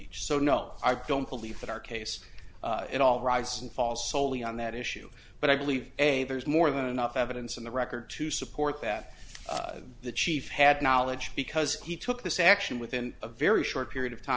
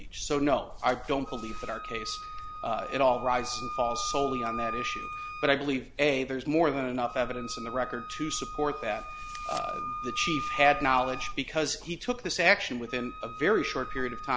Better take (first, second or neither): first